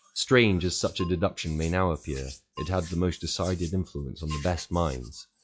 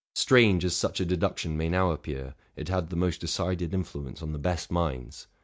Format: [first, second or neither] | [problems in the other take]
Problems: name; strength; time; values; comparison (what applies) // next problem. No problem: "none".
second | noise reduction (classical method log-MMSE)